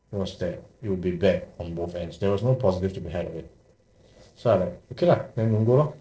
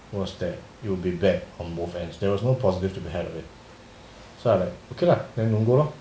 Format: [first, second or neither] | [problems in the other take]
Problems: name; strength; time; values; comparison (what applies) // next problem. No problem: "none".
second | noise reduction (neural separator model SepFormer DNS4)